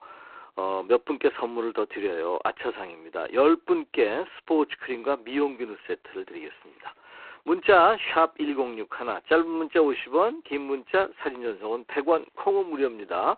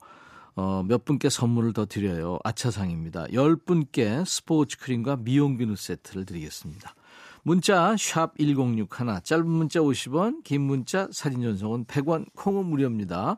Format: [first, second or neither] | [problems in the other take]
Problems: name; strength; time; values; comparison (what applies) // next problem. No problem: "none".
second | phone-call audio; poor line; nothing above 4 kHz